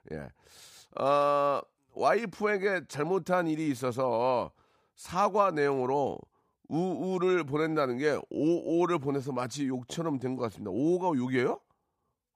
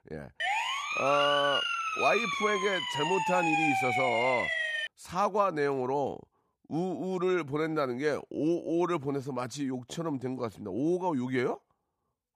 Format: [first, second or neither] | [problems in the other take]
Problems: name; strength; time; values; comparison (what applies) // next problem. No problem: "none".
first | siren; loud; until 5 s; peak 4 dB above the speech